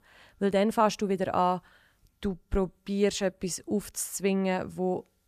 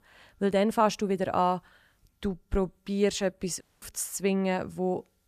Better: first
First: none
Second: audio cutting out; at 3.5 s

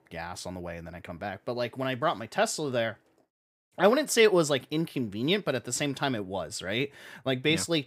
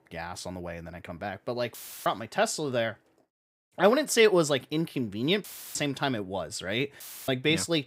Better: first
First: none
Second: audio cutting out; filled with static; at 1.5 s, at 5.5 s and at 7 s

